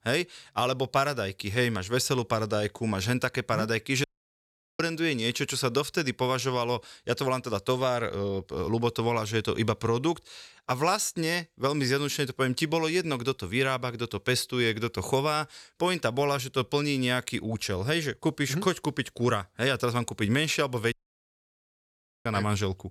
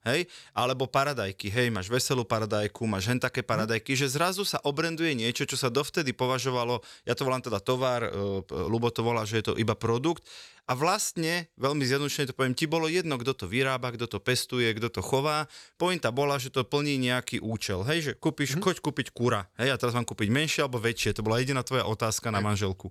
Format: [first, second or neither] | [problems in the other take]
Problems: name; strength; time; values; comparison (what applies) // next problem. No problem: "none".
second | audio cutting out; at 4 s for 1 s and at 21 s for 1.5 s